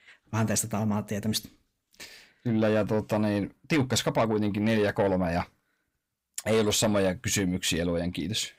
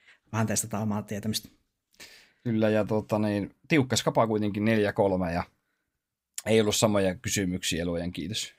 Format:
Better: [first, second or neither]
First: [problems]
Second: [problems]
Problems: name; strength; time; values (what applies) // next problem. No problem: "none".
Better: second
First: distortion; slight; 10 dB below the speech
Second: none